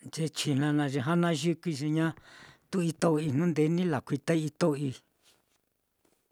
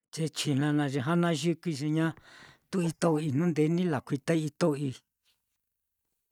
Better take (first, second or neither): first